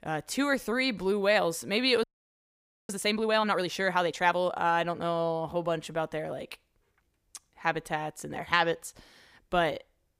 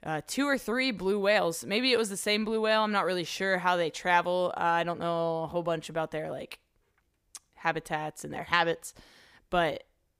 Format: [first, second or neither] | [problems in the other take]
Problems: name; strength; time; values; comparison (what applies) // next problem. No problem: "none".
second | audio freezing; at 2 s for 1 s